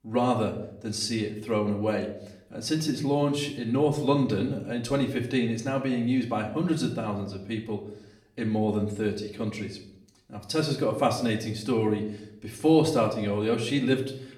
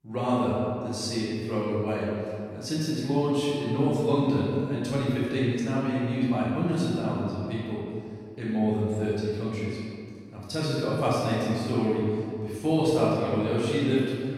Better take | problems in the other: first | room echo; strong; dies away in 2.1 s; slight in the first // off-mic speech; far; far in the first

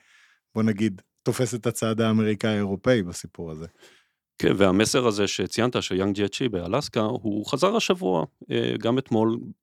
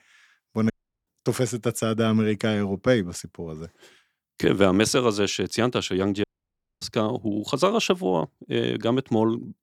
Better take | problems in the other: first | audio cutting out; at 0.5 s and at 6 s for 0.5 s

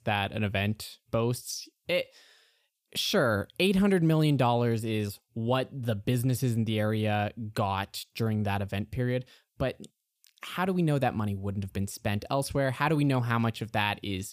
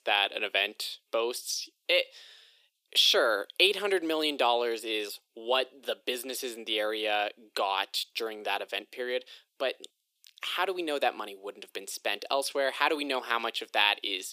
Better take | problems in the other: first | thin; very; fading below 350 Hz

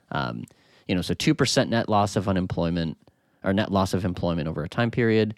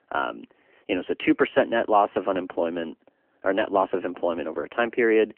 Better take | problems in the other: first | phone-call audio; nothing above 3 kHz

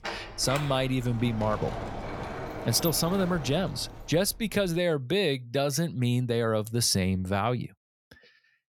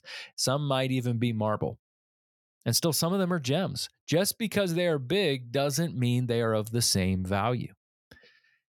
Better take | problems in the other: second | door banging; noticeable; until 5 s; peak 8 dB below the speech

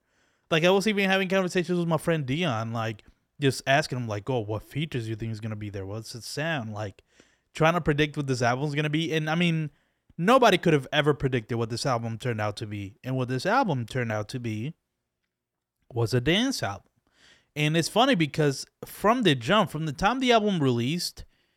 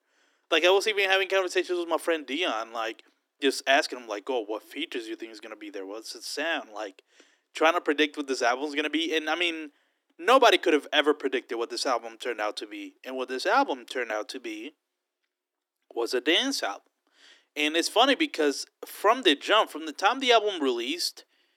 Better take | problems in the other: first | thin; somewhat; fading below 300 Hz

